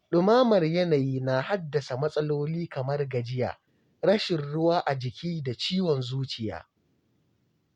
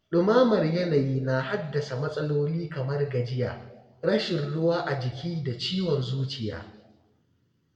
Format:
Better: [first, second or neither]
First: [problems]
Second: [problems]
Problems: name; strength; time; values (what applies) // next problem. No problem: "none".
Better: first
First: none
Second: room echo; dies away in 0.8 s